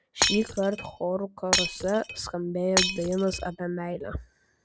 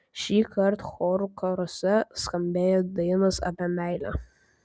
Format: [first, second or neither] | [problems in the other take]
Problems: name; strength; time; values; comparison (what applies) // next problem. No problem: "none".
second | background sound (Shatter); 1 dB below the speech